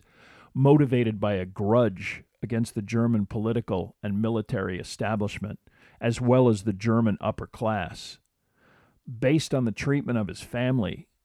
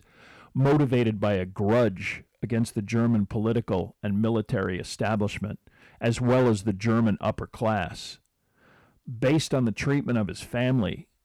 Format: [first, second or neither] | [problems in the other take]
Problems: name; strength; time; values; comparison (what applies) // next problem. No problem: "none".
first | distortion; slight; 5% of the sound clipped